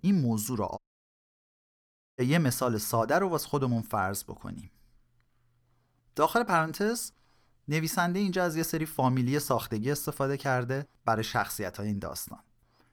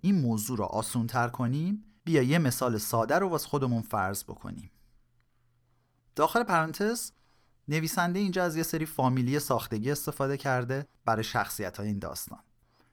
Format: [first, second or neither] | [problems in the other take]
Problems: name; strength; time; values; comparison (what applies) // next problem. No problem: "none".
second | audio cutting out; at 1 s for 1.5 s